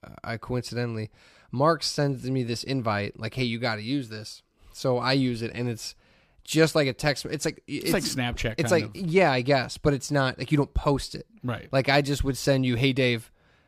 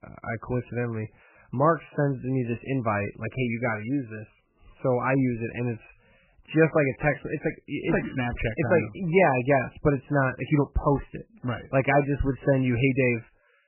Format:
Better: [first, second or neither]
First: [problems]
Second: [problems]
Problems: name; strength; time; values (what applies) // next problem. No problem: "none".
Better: first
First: none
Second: garbled, watery; badly; nothing above 2.5 kHz